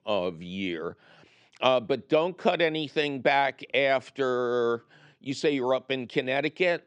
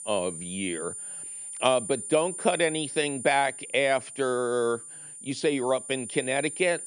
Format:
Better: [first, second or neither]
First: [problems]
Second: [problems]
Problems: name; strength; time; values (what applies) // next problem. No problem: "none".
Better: first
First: none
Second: high-pitched whine; loud; throughout; 9 kHz, 9 dB below the speech